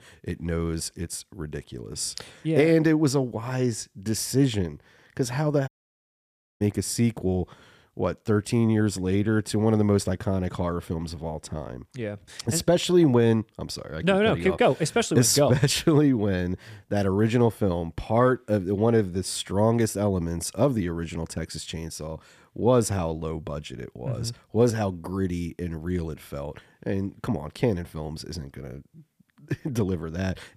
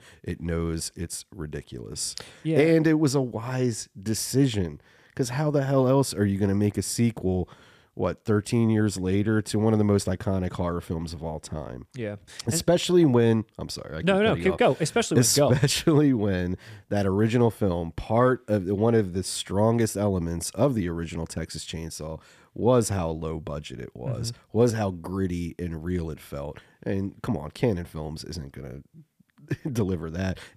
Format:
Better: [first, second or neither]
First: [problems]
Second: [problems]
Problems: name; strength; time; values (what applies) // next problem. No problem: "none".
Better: second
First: audio cutting out; at 5.5 s for 1 s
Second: none